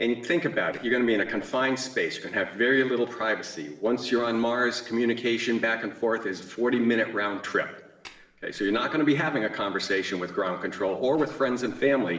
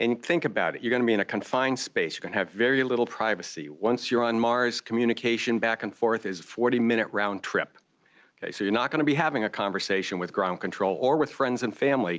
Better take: second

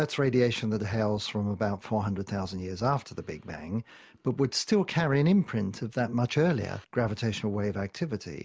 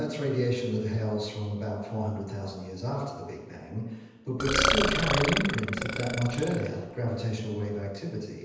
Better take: first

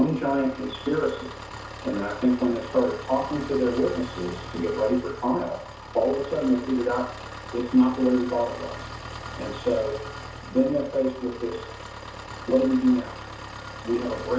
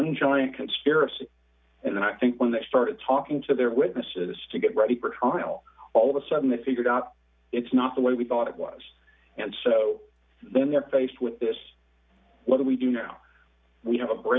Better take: second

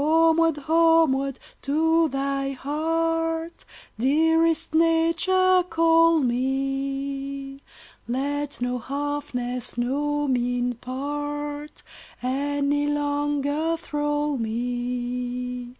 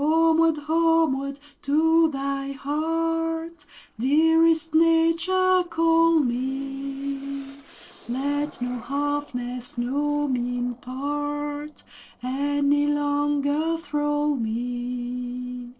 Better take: first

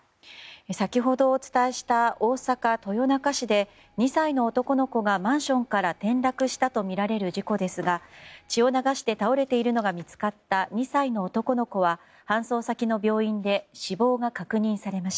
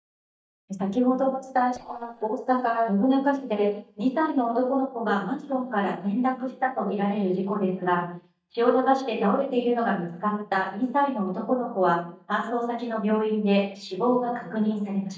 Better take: first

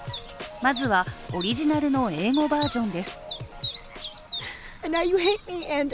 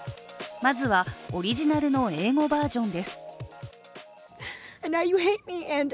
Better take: second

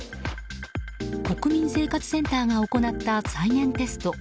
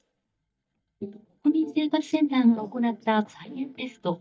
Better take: first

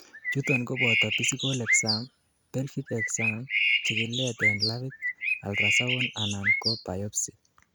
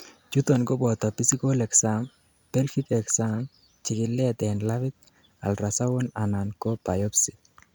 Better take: second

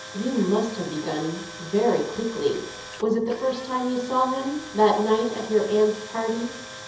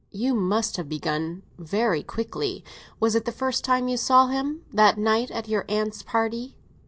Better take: second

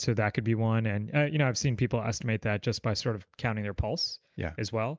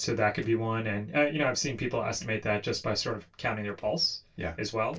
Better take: first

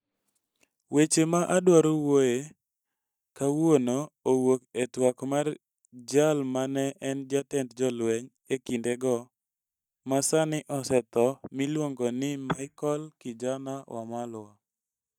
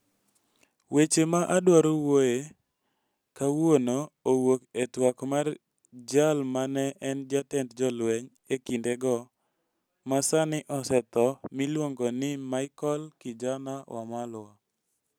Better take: second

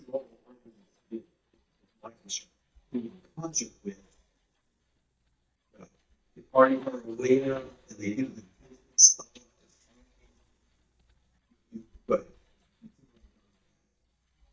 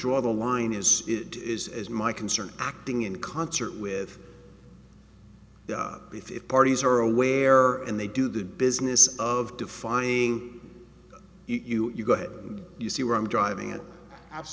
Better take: second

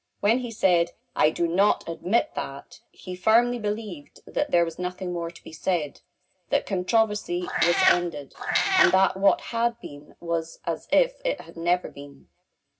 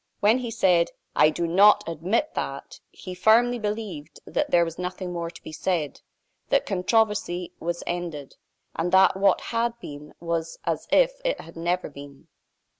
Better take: second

